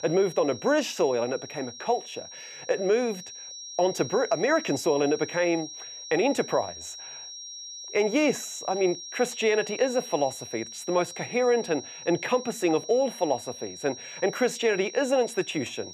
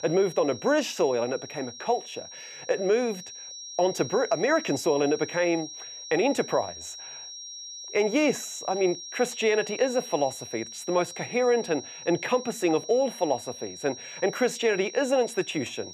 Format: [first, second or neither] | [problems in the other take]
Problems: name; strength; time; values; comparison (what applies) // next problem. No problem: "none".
neither | high-pitched whine; noticeable; throughout; 5.5 kHz, 10 dB below the speech; the same in both